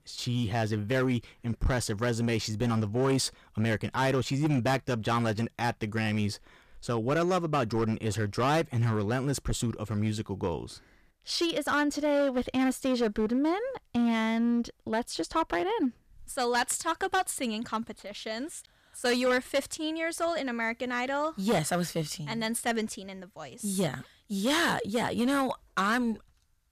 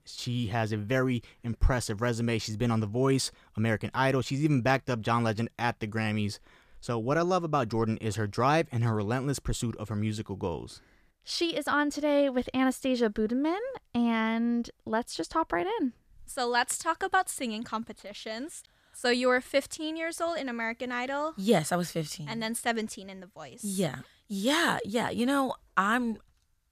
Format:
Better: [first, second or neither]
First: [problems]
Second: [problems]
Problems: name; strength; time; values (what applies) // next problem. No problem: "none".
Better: second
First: distortion; slight; 7% of the sound clipped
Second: none